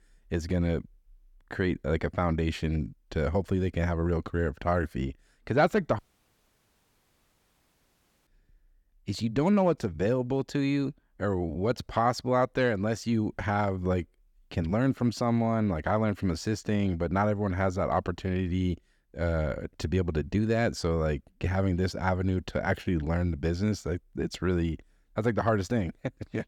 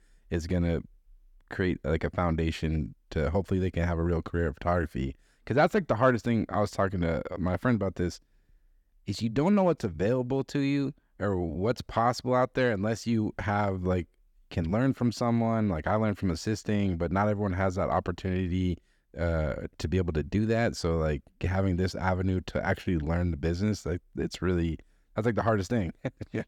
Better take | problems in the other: second | audio cutting out; at 6 s for 2.5 s

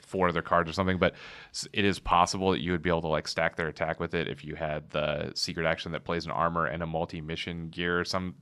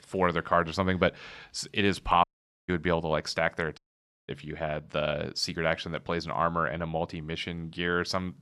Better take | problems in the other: first | audio cutting out; at 2 s and at 4 s for 0.5 s

